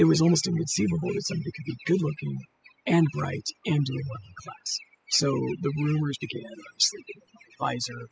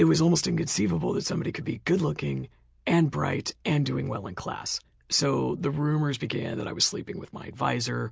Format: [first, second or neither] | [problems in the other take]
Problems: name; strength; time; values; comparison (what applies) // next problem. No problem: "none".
second | noise reduction (classical method spectral subtraction)